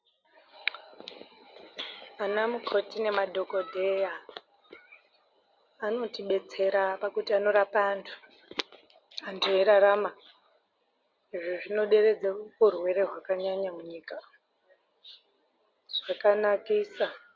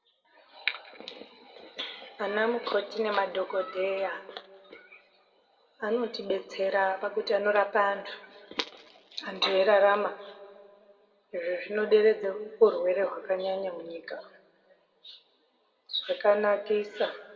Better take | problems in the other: first | room echo; dies away in 1.3 s

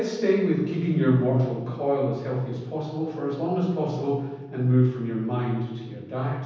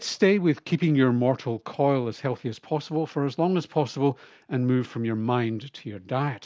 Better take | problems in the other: second | room echo; dies away in 1.1 s

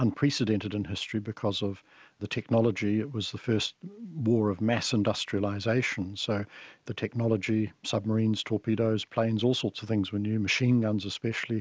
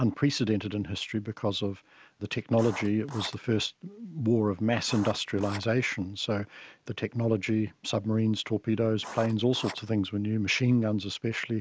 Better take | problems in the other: first | background sound (Writing); 14 dB below the speech

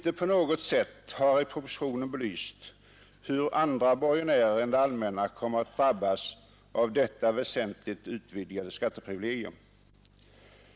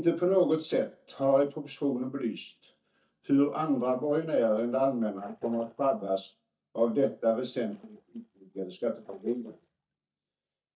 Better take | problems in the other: first | noise reduction (neural mask model DeepFilterNet 3)

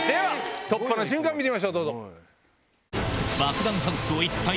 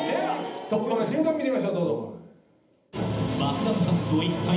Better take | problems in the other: first | room echo; dies away in 0.8 s

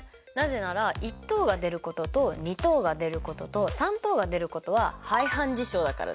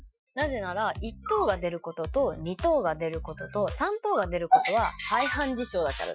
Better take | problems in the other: first | noise reduction (classical method Wiener filter)

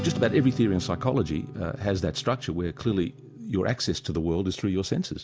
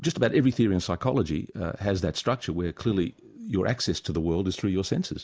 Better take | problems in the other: second | background sound (Strum); 12 dB below the speech

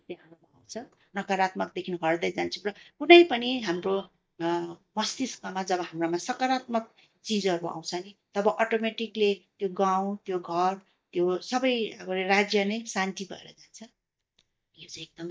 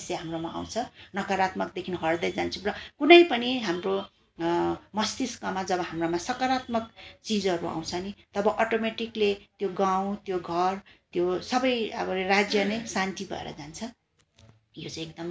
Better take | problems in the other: second | noise reduction (neural mask model DeepFilterNet 3)

